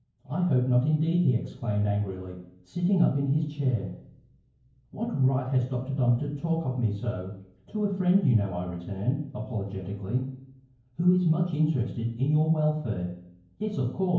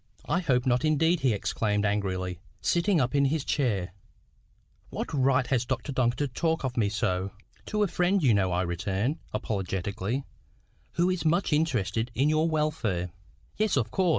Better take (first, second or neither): second